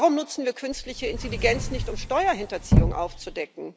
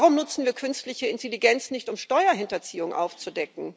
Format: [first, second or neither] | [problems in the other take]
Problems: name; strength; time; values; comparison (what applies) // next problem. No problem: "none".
second | background sound (Sliding door / Slam / Wood); 1 dB above the speech